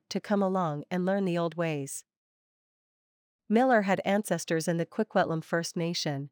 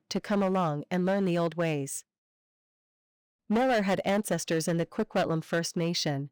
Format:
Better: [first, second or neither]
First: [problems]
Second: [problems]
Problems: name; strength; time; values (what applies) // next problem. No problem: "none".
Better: first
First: none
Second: distortion; slight; 8% of the sound clipped